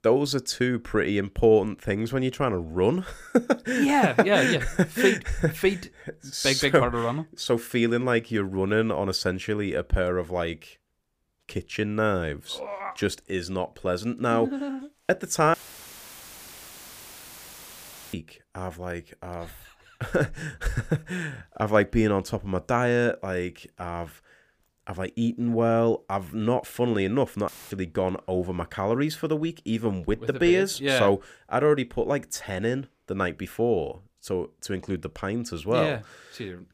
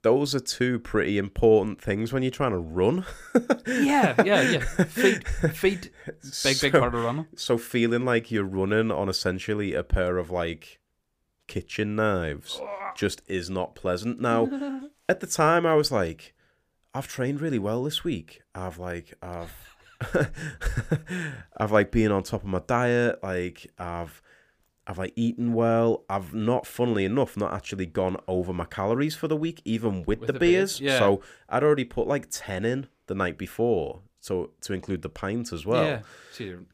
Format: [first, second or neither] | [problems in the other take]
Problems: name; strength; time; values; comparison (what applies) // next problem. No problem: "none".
second | audio cutting out; filled with static; at 16 s for 2.5 s and at 27 s